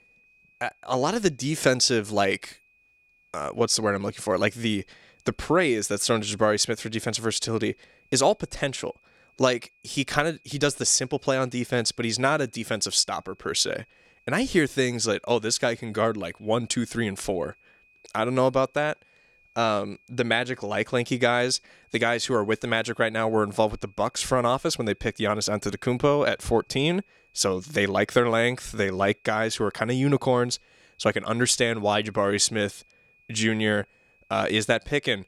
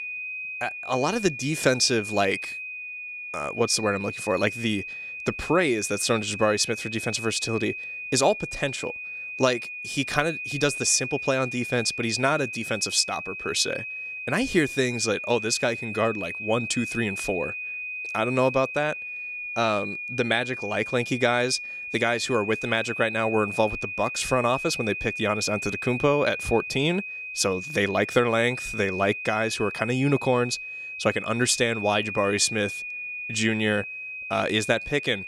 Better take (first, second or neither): first